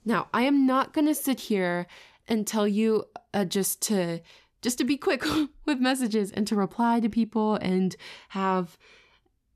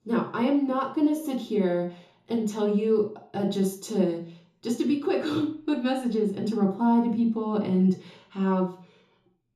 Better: first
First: none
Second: room echo; noticeable; dies away in 0.6 s // off-mic speech; far

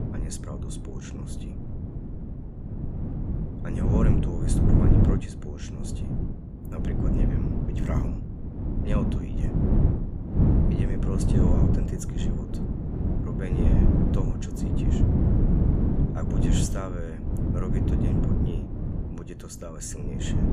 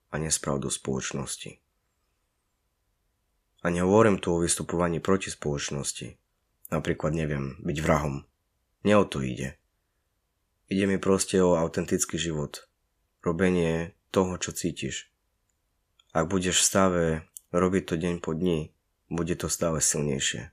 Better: second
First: wind noise on the microphone; heavy; 5 dB above the speech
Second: none

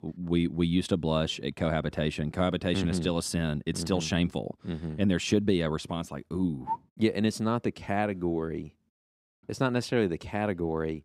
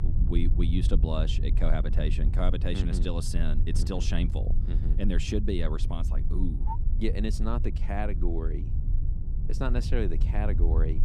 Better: first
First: none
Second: low rumble; noticeable; throughout; 10 dB below the speech

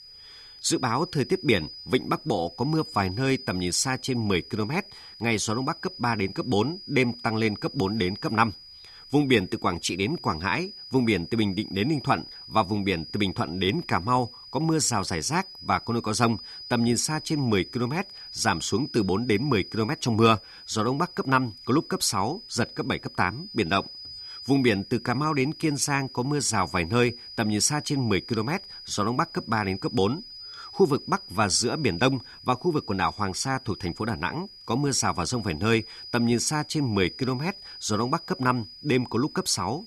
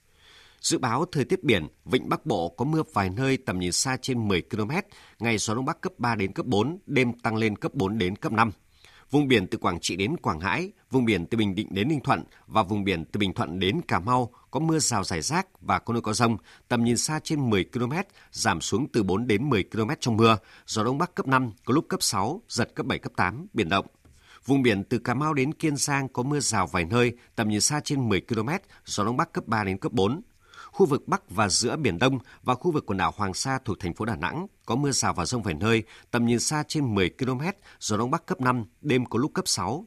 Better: second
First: high-pitched whine; noticeable; throughout; 5 kHz, 15 dB below the speech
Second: none

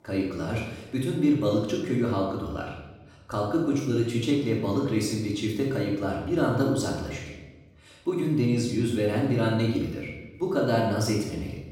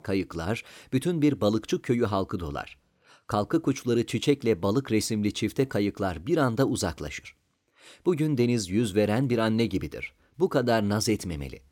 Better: second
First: off-mic speech; far // room echo; noticeable; dies away in 0.9 s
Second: none

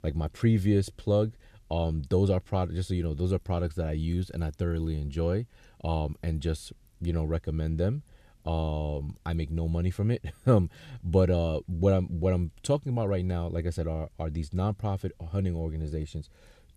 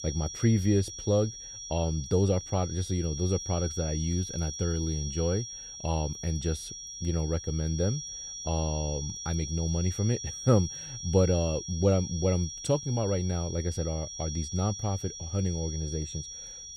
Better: first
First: none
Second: high-pitched whine; loud; throughout; 5.5 kHz, 8 dB below the speech

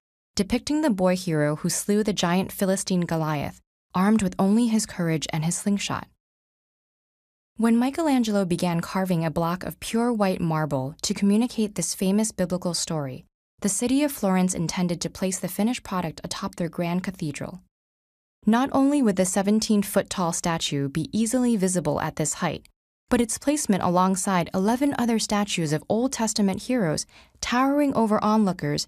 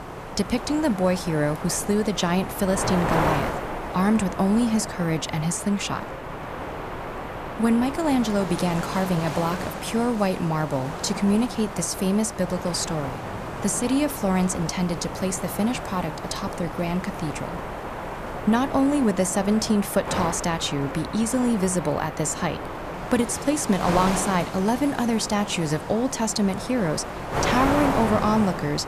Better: first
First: none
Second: wind noise on the microphone; heavy; 4 dB below the speech

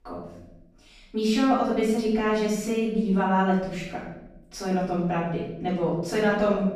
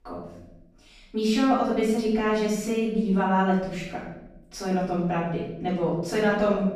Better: neither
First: off-mic speech; far // room echo; noticeable; dies away in 0.9 s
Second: off-mic speech; far // room echo; noticeable; dies away in 0.9 s

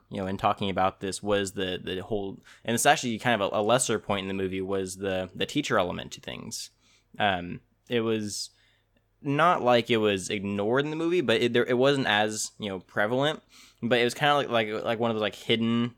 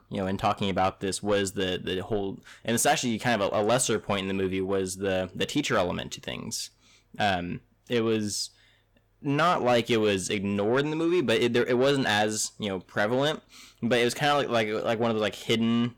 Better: first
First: none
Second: distortion; slight; 10 dB below the speech

